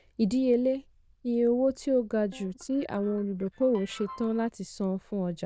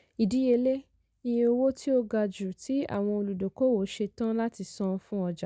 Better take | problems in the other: second | noise reduction (neural diffusion model UNIVERSE++)

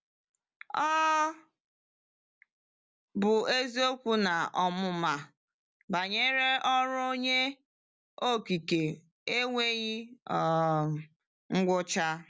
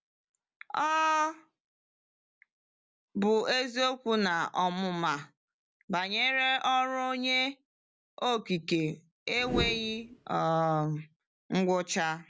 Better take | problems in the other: first | background sound (Whoosh, swoosh, swish); 7 dB below the speech

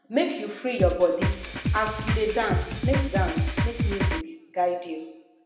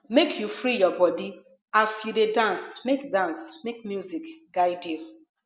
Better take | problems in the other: second | background sound (Drum kit); 1 dB above the speech // room echo; dies away in 0.7 s

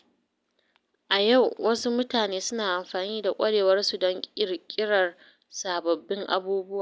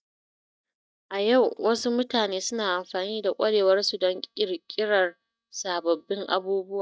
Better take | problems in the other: first | noise reduction (neural mask model DeepFilterNet 3)

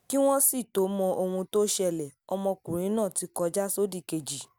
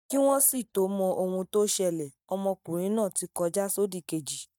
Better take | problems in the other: first | noise reduction (neural mask model DeepFilterNet 3)

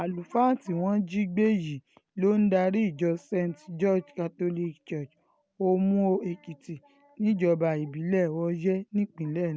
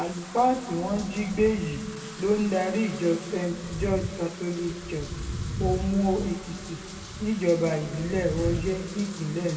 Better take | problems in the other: first | background sound (Wind / Rain); 9 dB below the speech // room echo; dies away in 2.2 s

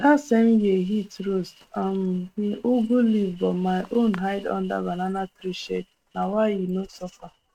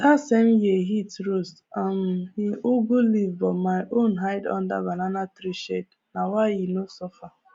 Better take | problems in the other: second | noise reduction (neural mask model RNNoise)

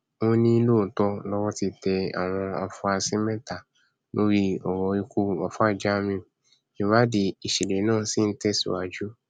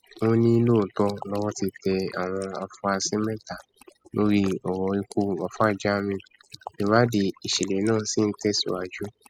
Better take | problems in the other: first | noise reduction (classical method spectral subtraction)

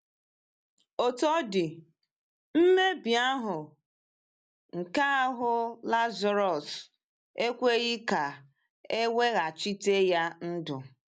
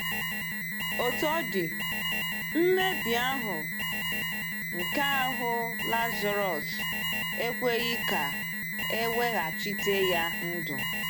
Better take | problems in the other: first | background sound (Alarm); as loud as the speech

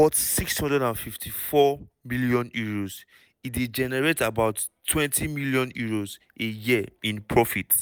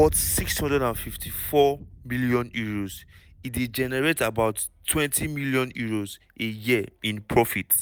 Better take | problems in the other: first | background sound (Boom); 17 dB below the speech

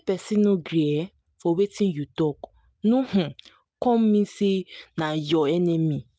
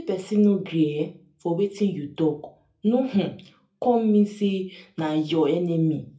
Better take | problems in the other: first | room echo; dies away in 0.3 s

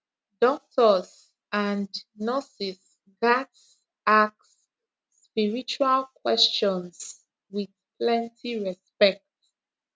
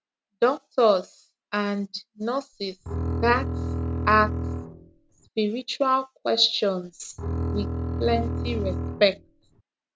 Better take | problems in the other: first | background sound (Bowed string instrument); 3 dB below the speech

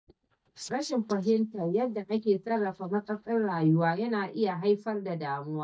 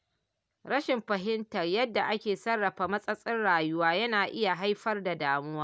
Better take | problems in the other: second | noise reduction (neural mask model DeepFilterNet 3)

